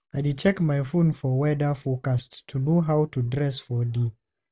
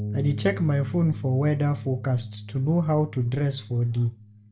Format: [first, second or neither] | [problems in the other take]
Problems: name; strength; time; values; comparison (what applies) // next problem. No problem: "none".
first | background sound (Bass guitar); 11 dB below the speech // room echo; dies away in 0.3 s